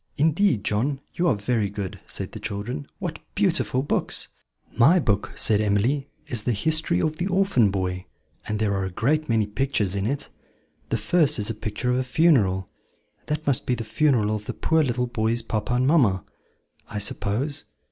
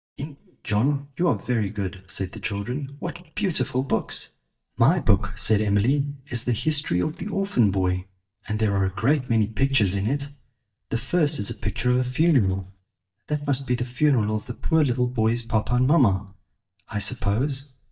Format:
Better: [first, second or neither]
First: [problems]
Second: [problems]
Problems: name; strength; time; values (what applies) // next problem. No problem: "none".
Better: first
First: none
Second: noise reduction (neural mask model DeepFilterNet 3)